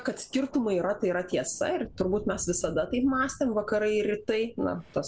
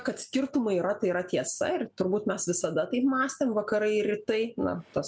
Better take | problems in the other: second | background sound (Thunder); 20 dB below the speech

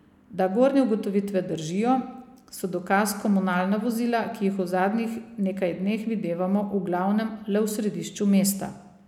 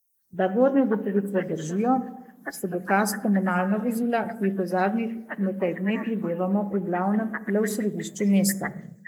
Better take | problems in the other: first | noise reduction (neural mask model Resemble Enhance denoiser)

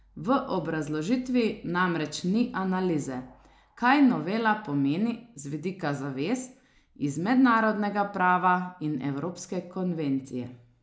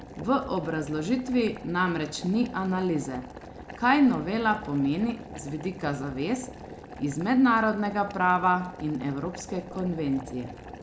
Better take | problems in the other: first | background sound (Boiling); 15 dB below the speech

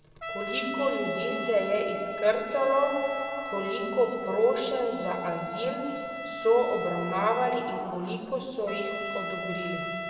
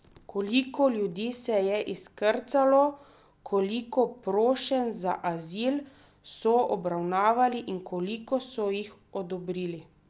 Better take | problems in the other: second | background sound (Trumpet); 7 dB below the speech // room echo; dies away in 2.6 s

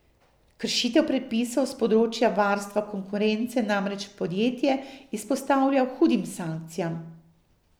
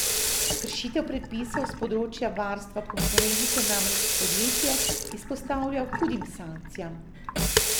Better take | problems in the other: first | background sound (Sink (filling or washing) / Water tap, faucet); 4 dB above the speech

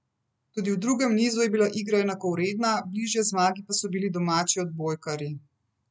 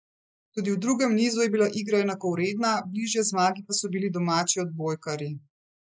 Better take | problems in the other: first | noise reduction (neural mask model Resemble Enhance denoiser)

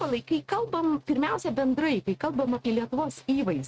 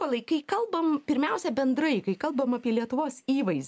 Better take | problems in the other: second | noise reduction (neural mask model RNNoise)

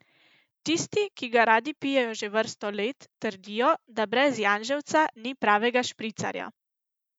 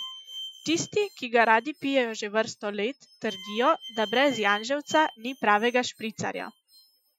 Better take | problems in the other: first | noise reduction (classical method Wiener filter)

